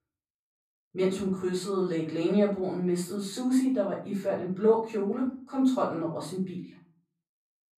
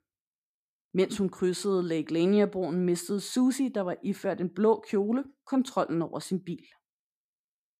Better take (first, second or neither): second